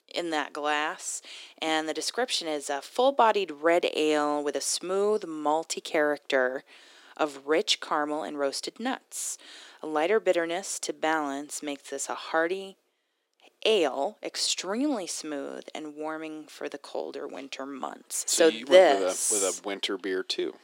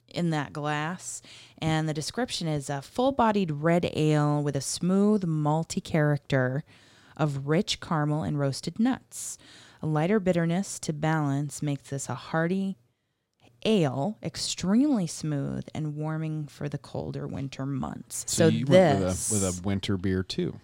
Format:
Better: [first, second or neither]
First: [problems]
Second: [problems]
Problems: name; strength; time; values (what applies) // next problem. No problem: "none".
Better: second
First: thin; very; fading below 350 Hz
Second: none